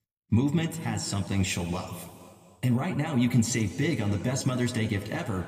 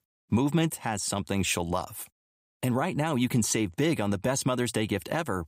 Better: second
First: room echo; slight; dies away in 2 s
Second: none

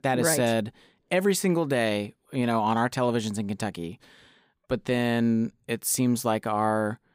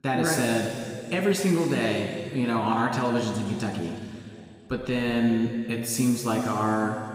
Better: first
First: none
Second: room echo; noticeable; dies away in 2.4 s // off-mic speech; somewhat distant

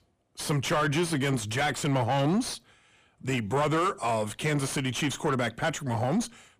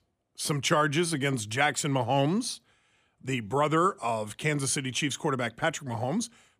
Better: second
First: distortion; heavy; 7 dB below the speech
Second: none

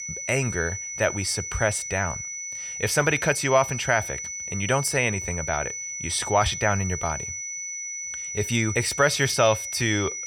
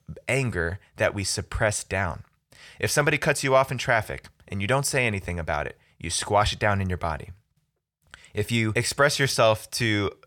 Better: second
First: high-pitched whine; loud; throughout; 6 kHz, 6 dB below the speech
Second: none

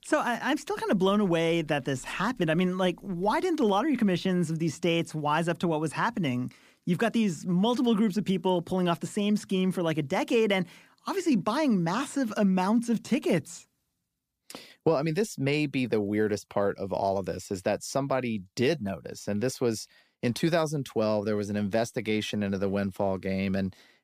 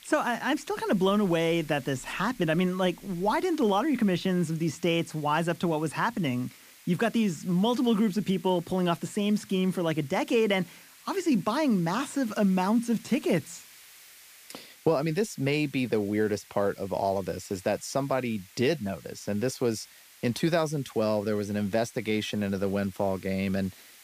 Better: first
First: none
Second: hiss; faint; throughout; 25 dB below the speech

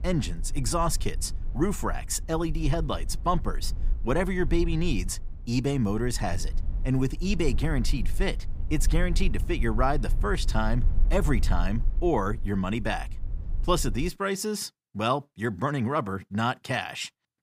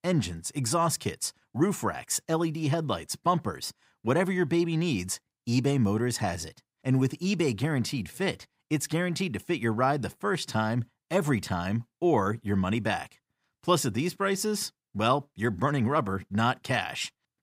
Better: second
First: low rumble; faint; until 14 s; 20 dB below the speech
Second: none

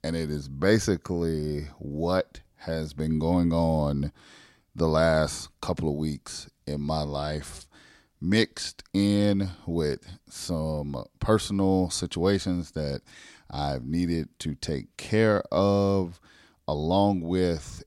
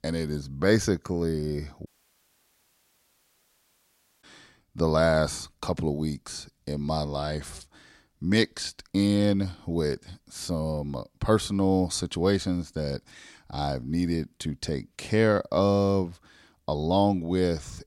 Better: first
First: none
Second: audio cutting out; at 2 s for 2.5 s

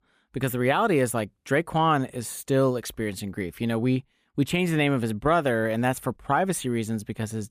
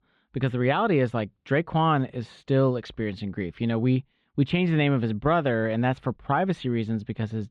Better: first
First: none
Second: muffled; slightly; fading above 4 kHz

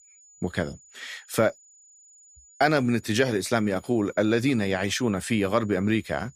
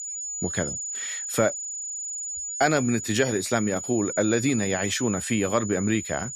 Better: first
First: high-pitched whine; faint; throughout; 7 kHz, 25 dB below the speech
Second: high-pitched whine; loud; throughout; 7 kHz, 5 dB below the speech

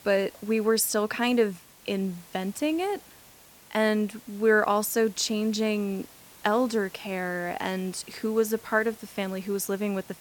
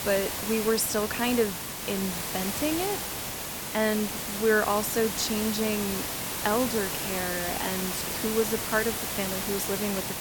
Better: first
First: hiss; faint; throughout; 20 dB below the speech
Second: hiss; loud; throughout; 2 dB below the speech

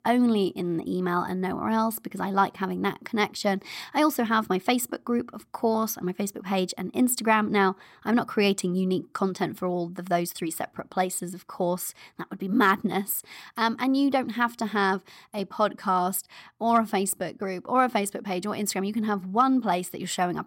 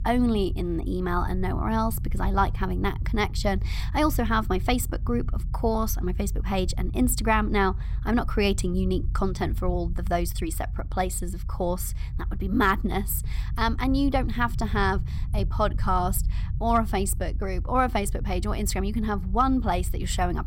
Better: first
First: none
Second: low rumble; faint; throughout; 20 dB below the speech

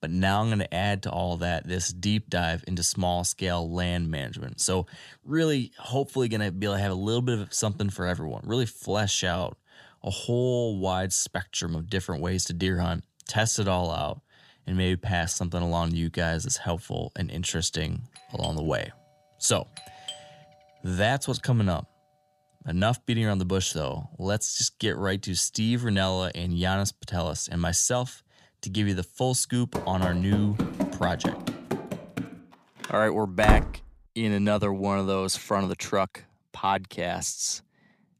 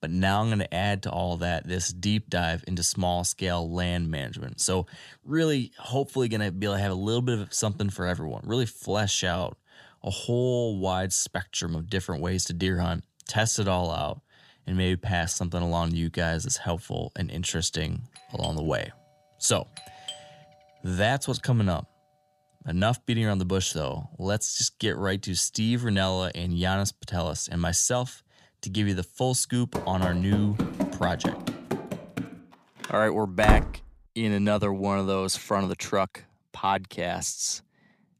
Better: neither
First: doorbell; faint; from 18 to 20 s; peak 10 dB below the speech // door banging; loud; from 30 to 34 s; peak 3 dB above the speech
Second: doorbell; faint; from 18 to 20 s; peak 10 dB below the speech // door banging; loud; from 30 to 34 s; peak 3 dB above the speech

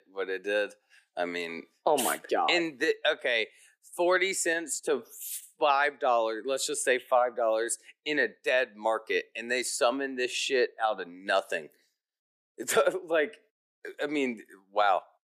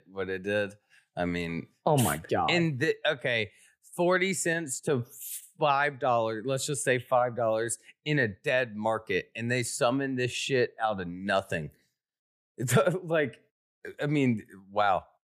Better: second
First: thin; somewhat; fading below 300 Hz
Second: none

